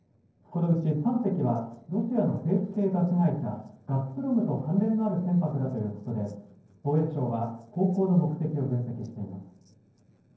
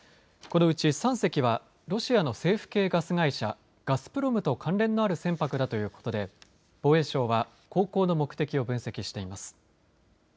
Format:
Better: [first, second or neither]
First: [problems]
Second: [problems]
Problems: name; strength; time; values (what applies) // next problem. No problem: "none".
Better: second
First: noise reduction (neural separator model SepFormer DNS4)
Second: none